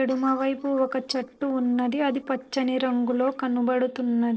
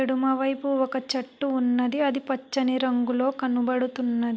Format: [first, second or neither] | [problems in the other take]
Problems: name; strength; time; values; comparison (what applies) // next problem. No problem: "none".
second | noise reduction (neural separator model SepFormer DNS4)